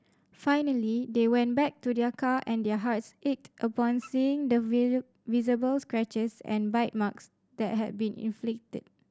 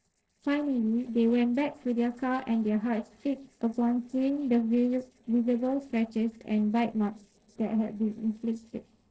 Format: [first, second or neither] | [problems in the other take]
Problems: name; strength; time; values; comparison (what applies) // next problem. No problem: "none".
first | noise reduction (neural separator model SepFormer DNS4)